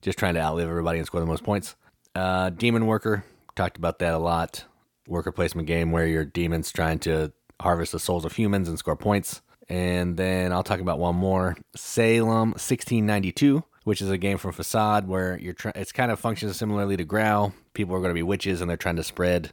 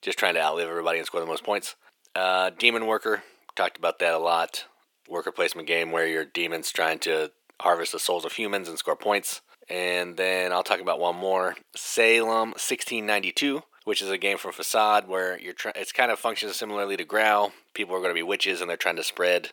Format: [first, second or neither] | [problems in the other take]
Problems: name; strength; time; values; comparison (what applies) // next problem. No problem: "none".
first | thin; very; fading below 400 Hz